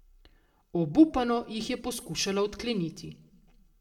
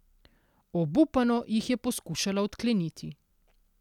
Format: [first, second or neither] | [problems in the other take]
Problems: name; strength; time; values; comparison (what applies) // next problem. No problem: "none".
second | room echo; dies away in 0.5 s